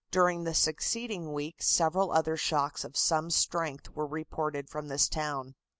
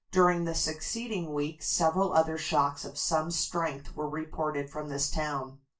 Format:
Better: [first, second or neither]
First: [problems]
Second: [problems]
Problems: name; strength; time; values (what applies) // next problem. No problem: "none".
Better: first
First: none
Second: room echo; dies away in 0.2 s